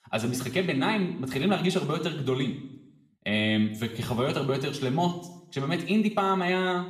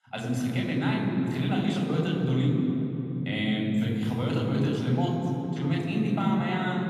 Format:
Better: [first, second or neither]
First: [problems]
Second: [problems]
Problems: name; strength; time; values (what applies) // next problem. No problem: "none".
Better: first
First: room echo; slight; dies away in 0.6 s // off-mic speech; somewhat distant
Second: room echo; strong; dies away in 3 s // off-mic speech; far